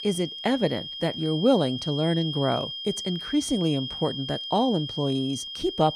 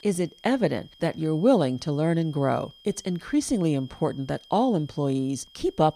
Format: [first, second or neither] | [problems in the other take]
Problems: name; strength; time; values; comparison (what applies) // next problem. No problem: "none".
second | high-pitched whine; loud; throughout; 3 kHz, 6 dB below the speech; faint in the second